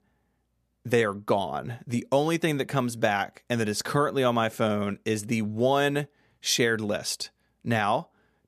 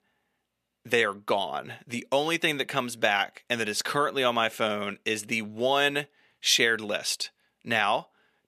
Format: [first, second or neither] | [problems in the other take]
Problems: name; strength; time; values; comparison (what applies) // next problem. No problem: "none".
first | thin; very slightly; fading below 450 Hz